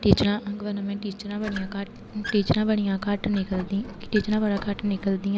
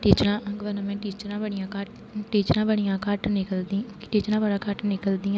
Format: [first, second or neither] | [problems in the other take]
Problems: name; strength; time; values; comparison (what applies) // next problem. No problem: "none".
second | background sound (Squeak); 14 dB below the speech